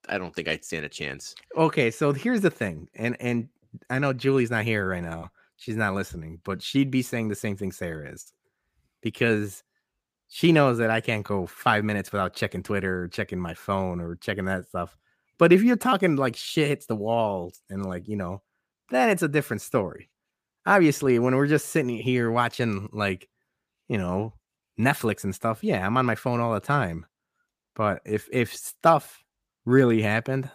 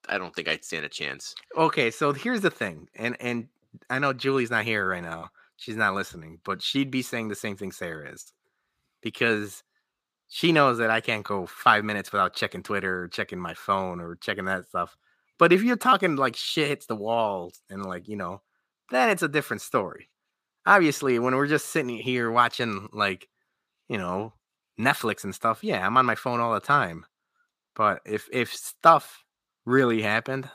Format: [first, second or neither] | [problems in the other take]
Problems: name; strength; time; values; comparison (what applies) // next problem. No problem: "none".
first | thin; very slightly; fading below 450 Hz